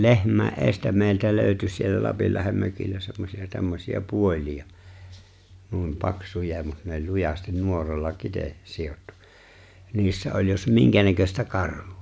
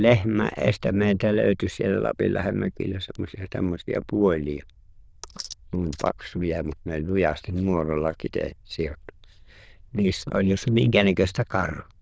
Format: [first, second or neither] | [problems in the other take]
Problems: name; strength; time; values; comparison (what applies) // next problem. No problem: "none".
first | noise reduction (neural diffusion model UNIVERSE++)